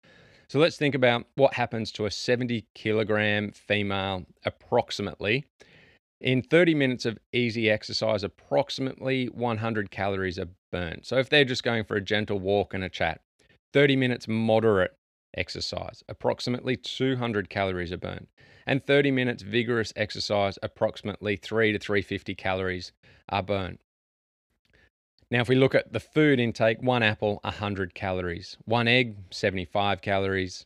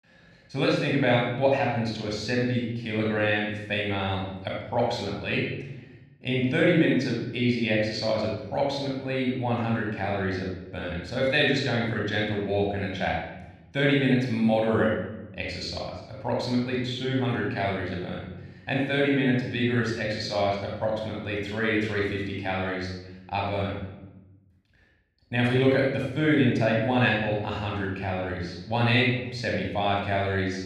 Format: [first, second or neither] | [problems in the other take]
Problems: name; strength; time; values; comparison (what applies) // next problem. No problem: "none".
first | off-mic speech; somewhat distant // room echo; noticeable; dies away in 0.9 s